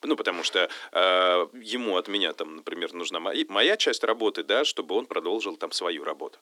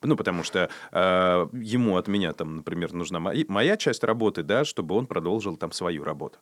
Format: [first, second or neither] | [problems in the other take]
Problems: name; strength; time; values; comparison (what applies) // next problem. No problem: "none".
second | thin; somewhat; fading below 300 Hz